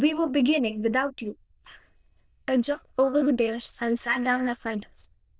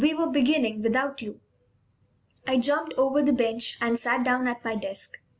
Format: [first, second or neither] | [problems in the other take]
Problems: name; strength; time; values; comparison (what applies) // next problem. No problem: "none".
second | noise reduction (neural diffusion model UNIVERSE++)